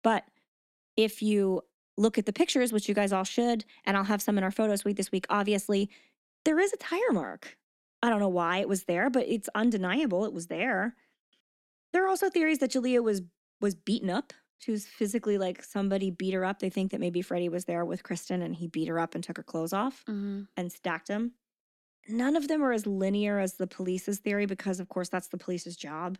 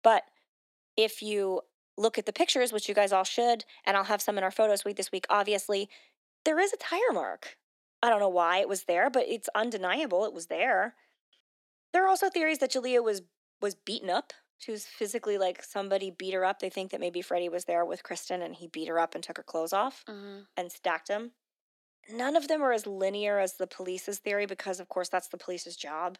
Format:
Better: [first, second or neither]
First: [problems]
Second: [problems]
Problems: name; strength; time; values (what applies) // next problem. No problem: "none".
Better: first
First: none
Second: thin; very; fading below 500 Hz